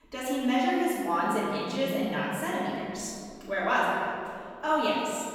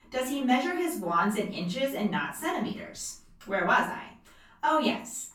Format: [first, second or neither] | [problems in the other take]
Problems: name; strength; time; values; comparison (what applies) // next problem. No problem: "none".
second | room echo; strong; dies away in 2.1 s; slight in the second // off-mic speech; far; far in the second